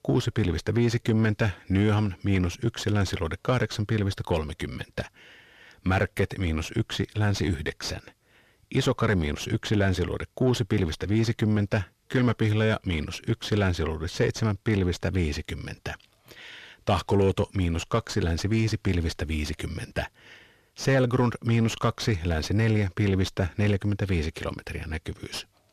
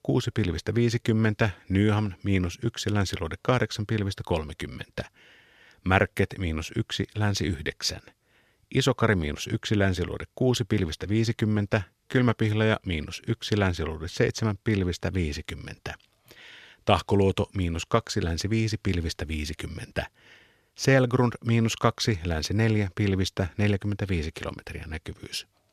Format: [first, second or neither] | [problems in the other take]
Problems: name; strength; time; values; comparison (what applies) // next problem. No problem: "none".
second | distortion; slight; 10 dB below the speech